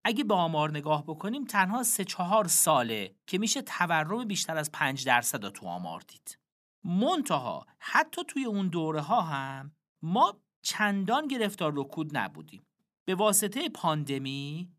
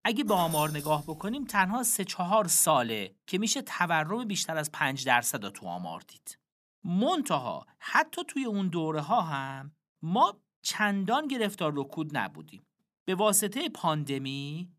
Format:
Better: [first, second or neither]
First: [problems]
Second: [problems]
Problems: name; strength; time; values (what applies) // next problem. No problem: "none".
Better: first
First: none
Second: jangling keys; noticeable; at 0.5 s; peak 7 dB below the speech